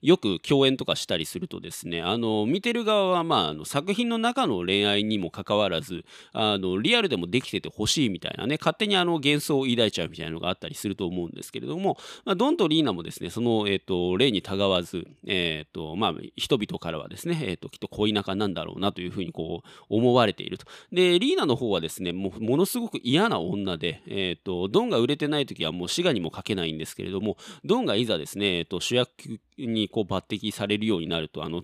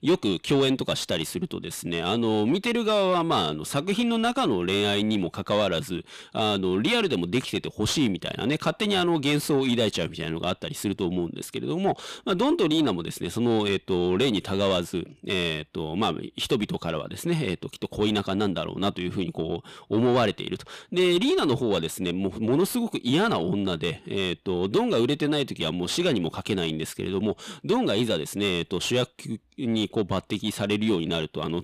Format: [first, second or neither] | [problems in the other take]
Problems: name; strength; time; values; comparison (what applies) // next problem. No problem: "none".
first | distortion; slight; 10 dB below the speech